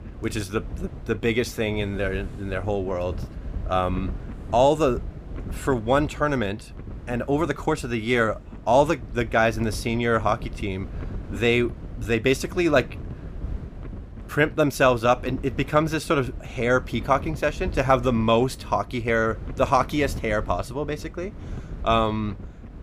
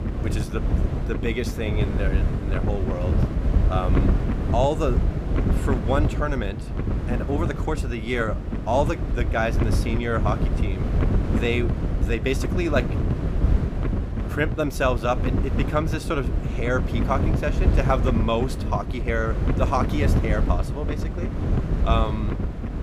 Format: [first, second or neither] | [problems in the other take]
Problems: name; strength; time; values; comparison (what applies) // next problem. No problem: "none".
first | wind noise on the microphone; heavy; 7 dB below the speech; occasional gusts in the first